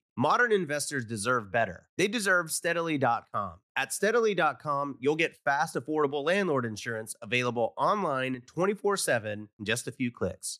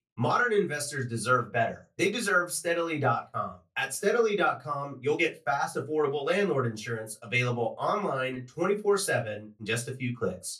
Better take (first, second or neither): first